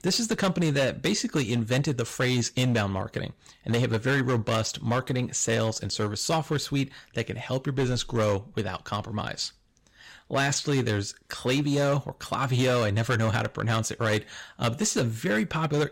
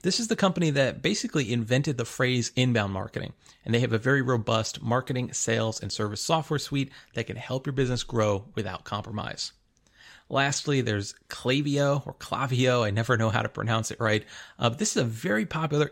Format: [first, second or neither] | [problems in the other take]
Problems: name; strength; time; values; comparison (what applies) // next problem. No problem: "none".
second | distortion; slight; 8% of the sound clipped